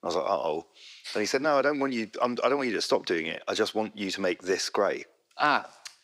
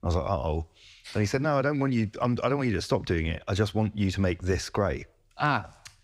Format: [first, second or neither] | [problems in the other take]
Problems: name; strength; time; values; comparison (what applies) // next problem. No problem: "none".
second | thin; somewhat; fading below 300 Hz